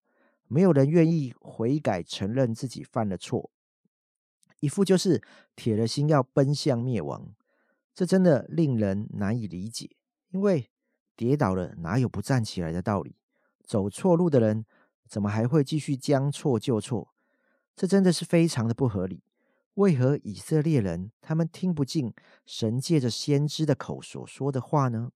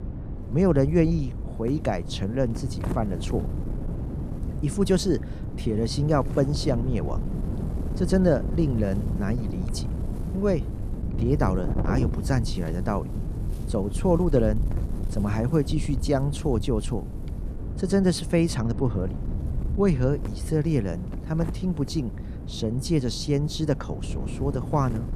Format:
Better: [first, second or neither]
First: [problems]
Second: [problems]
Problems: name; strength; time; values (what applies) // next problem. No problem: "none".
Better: first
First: none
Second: wind noise on the microphone; occasional gusts; 10 dB below the speech